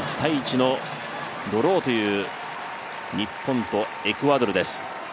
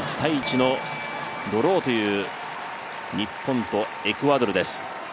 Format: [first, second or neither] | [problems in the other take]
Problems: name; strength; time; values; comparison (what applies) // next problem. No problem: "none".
first | background sound (Bell); 15 dB below the speech